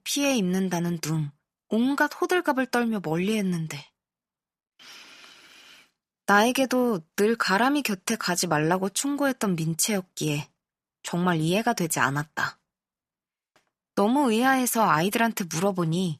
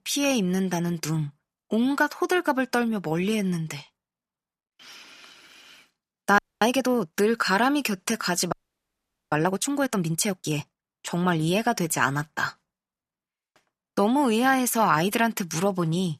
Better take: first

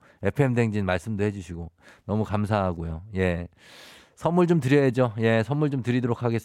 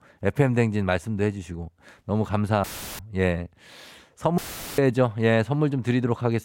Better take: first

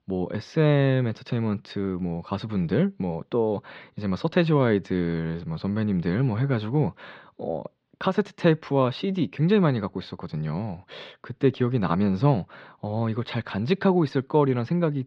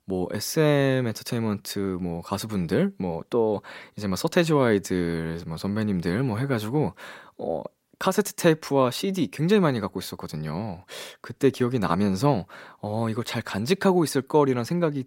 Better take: second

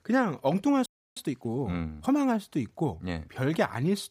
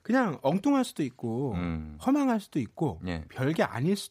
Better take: second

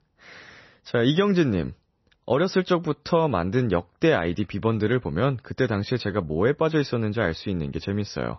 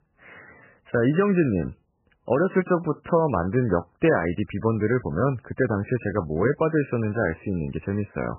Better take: first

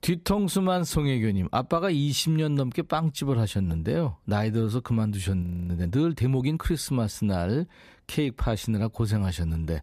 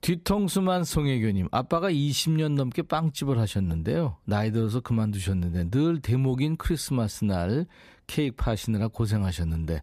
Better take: second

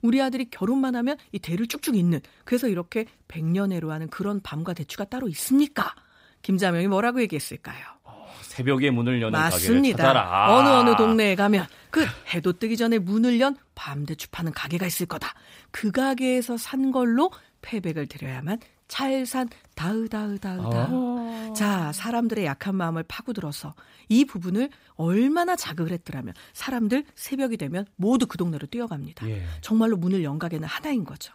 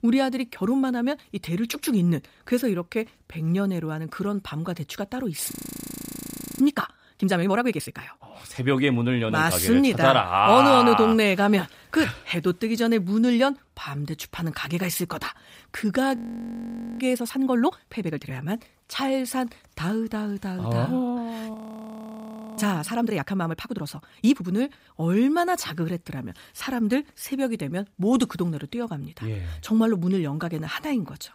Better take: first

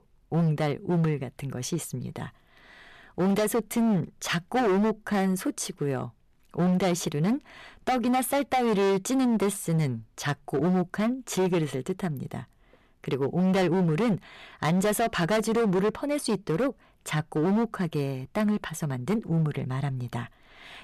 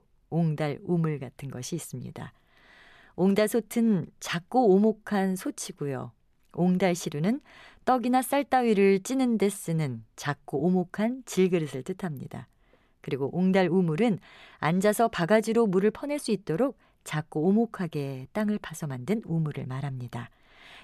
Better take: second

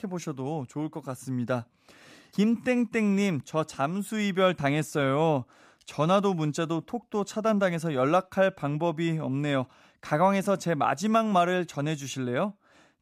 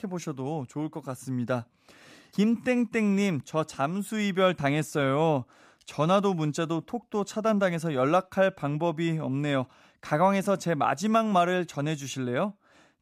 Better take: neither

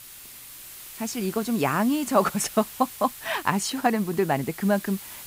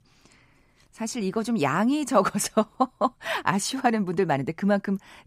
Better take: second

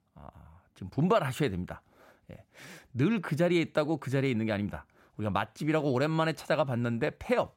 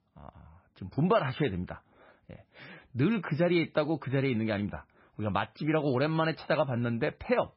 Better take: first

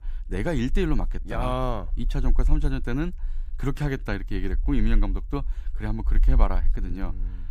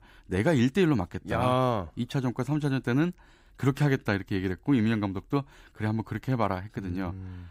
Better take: second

